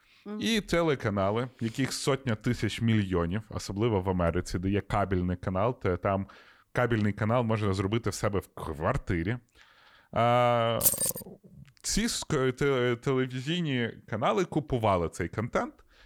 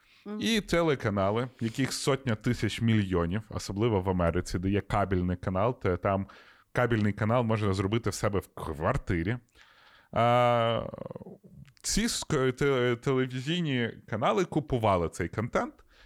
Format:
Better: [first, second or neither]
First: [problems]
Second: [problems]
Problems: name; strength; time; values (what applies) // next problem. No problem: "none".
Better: second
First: jangling keys; loud; at 11 s; peak 5 dB above the speech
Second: none